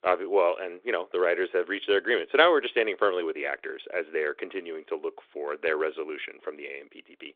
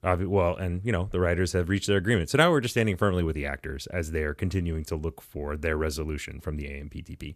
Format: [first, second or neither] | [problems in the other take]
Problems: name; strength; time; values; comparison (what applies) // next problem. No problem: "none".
second | phone-call audio; nothing above 3.5 kHz